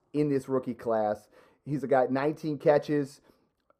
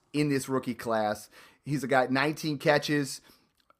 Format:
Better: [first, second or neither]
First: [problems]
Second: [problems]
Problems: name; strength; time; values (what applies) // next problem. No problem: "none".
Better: second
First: muffled; slightly; fading above 1.5 kHz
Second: none